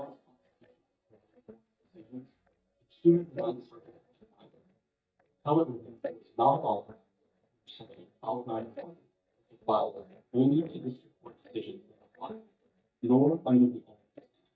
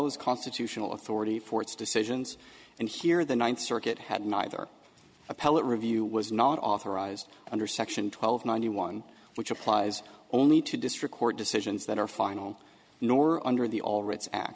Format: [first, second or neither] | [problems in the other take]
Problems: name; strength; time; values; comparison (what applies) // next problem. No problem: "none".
second | noise reduction (neural mask model DeepFilterNet 3)